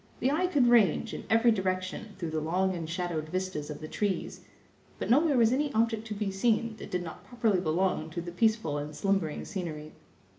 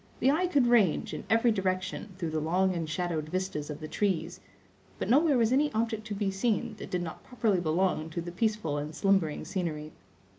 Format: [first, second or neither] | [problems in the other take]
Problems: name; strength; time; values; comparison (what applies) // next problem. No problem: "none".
second | room echo; dies away in 0.6 s